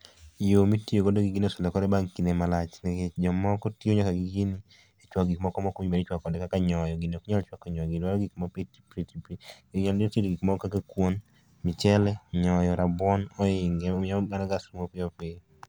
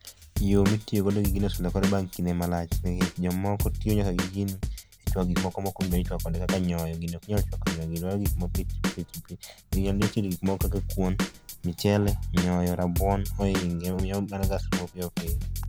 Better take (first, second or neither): first